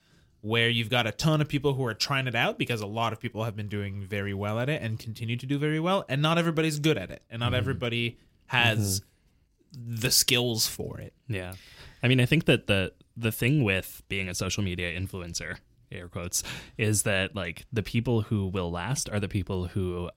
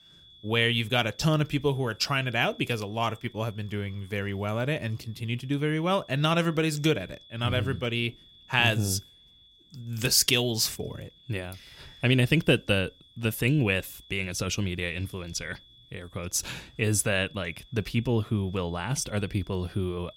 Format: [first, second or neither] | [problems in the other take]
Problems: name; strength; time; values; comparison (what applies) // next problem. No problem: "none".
first | high-pitched whine; faint; throughout; 3.5 kHz, 25 dB below the speech